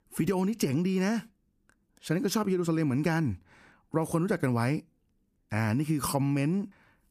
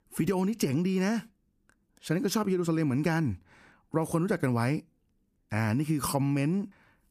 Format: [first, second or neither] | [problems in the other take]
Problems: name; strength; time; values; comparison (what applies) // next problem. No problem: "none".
neither | none